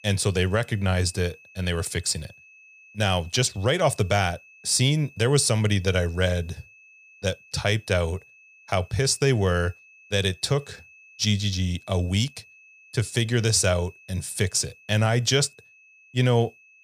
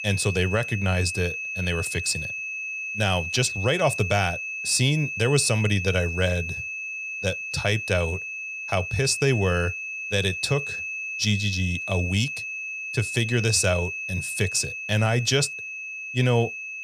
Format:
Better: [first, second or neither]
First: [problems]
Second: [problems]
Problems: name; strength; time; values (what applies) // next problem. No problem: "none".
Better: first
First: high-pitched whine; faint; throughout; 2.5 kHz, 25 dB below the speech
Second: high-pitched whine; loud; throughout; 2.5 kHz, 5 dB below the speech